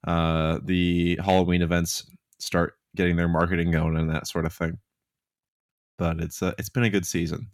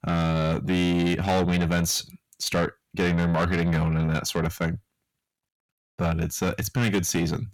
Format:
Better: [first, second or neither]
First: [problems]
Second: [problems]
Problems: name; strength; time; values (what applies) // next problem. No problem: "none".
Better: first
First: none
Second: distortion; heavy; 7 dB below the speech